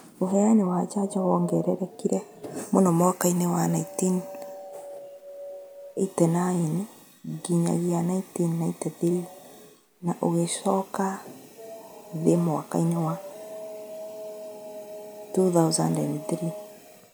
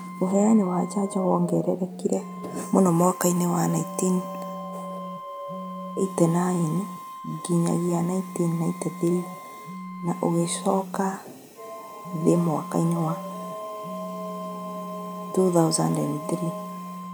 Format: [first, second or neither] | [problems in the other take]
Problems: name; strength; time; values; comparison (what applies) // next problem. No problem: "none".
first | background sound (Wind instrument, woodwind instrument + Telephone); 11 dB below the speech